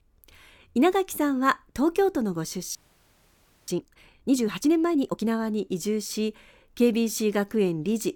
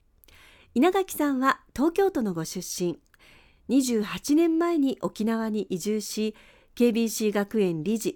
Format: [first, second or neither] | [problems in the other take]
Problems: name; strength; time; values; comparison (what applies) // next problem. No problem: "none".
second | audio freezing; at 3 s for 1 s